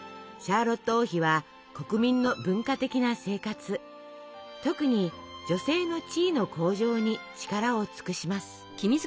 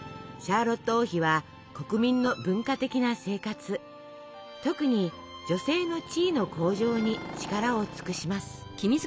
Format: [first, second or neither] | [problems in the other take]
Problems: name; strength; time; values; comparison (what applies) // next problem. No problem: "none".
first | background sound (Motorcycle); 17 dB below the speech